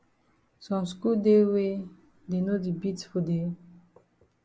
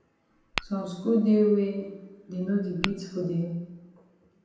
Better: first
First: none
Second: background sound (Tap / Glass); 13 dB below the speech // room echo; dies away in 0.9 s

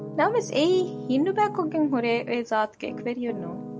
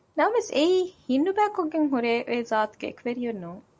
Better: second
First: background sound (Piano); 12 dB below the speech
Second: none

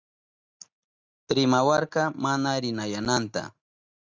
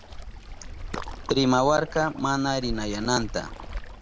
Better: first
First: none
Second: background sound (Waves, surf); 10 dB below the speech

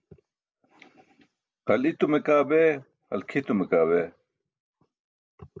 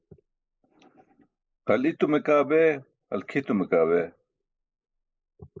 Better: first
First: none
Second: noise reduction (neural mask model Resemble Enhance denoiser)

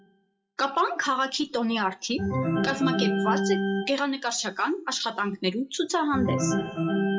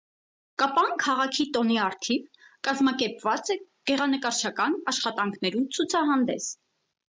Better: second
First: noise reduction (classical method WPE with log-MMSE)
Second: none

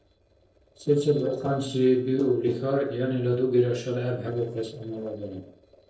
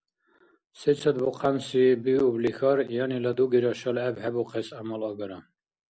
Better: second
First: noise reduction (neural separator model SepFormer DNS4)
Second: none

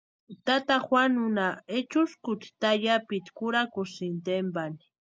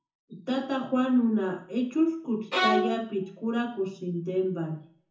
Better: first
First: none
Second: background sound (Bowed string instrument); 2 dB above the speech // room echo; dies away in 0.6 s

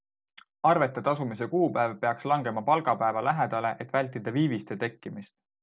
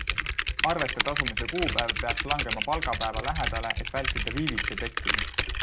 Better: first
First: none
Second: background sound (Typing); 3 dB above the speech

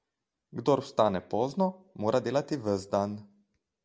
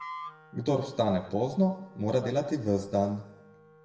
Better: first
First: none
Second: background sound (Wind instrument, woodwind instrument); 19 dB below the speech // room echo; dies away in 0.9 s

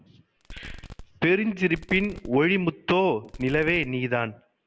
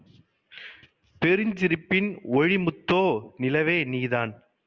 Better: second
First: background sound (Fireworks); 17 dB below the speech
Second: none

